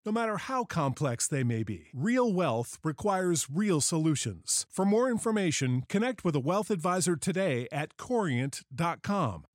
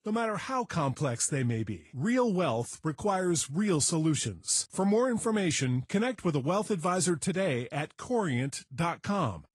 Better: first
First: none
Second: garbled, watery; slightly

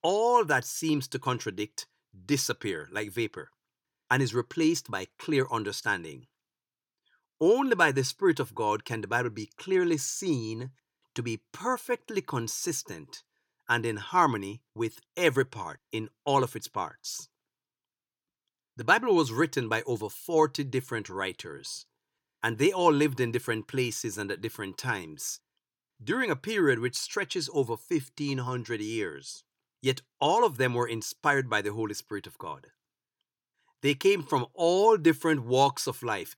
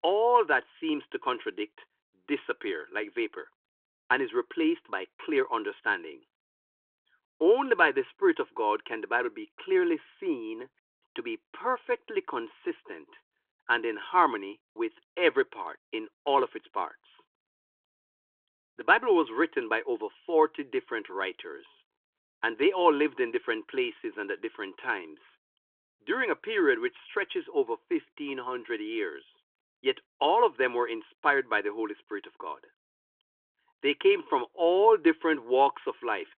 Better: first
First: none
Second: phone-call audio

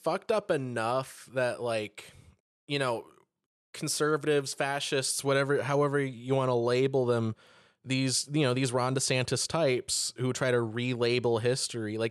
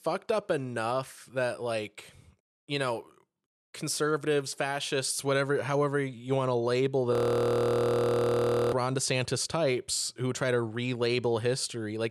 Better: first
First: none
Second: audio freezing; at 7 s for 1.5 s

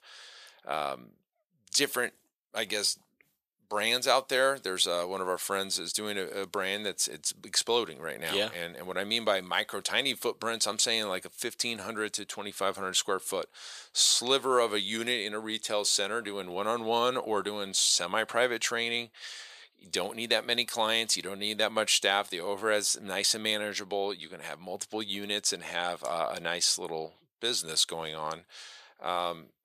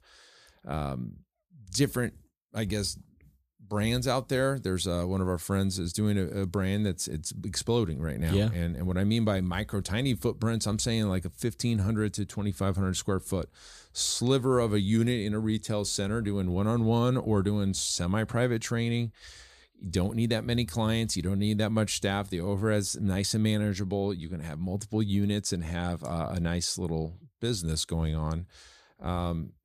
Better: second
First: thin; very; fading below 650 Hz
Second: none

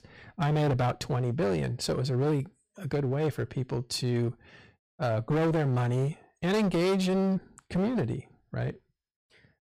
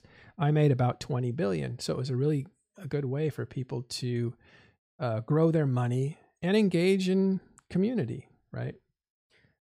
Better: second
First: distortion; heavy; 17% of the sound clipped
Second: none

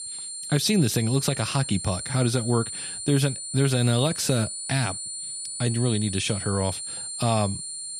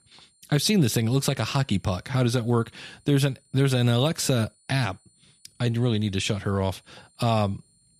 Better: second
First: high-pitched whine; loud; throughout; 9 kHz, 6 dB below the speech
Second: high-pitched whine; faint; throughout; 9 kHz, 35 dB below the speech

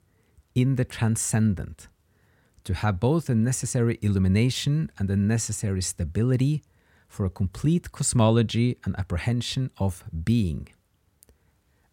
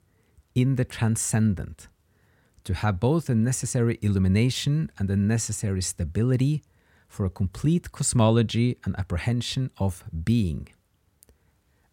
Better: neither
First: none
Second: none

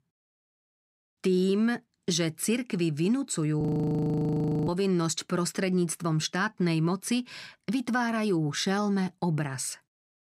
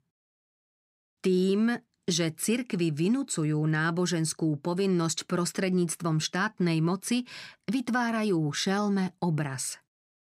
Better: second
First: audio freezing; at 3.5 s for 1 s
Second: none

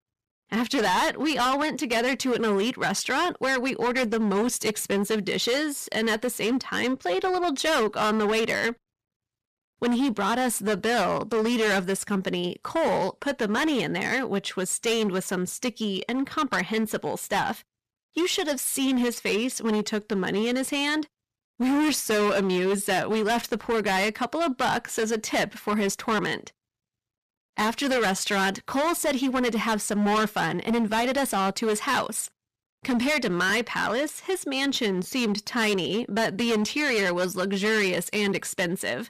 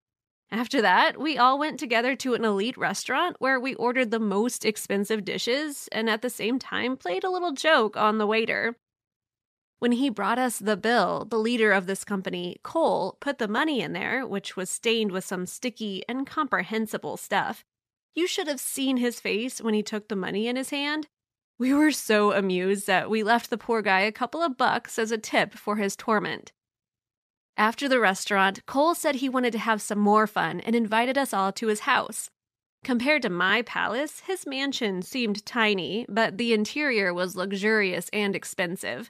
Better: second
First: distortion; heavy; 17% of the sound clipped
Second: none

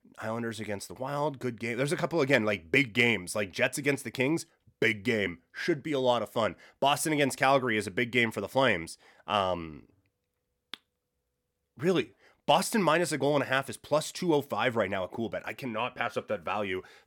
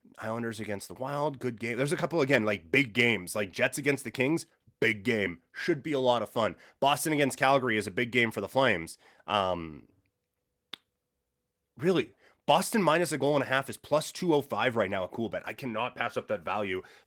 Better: first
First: none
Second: garbled, watery; slightly; nothing above 17.5 kHz

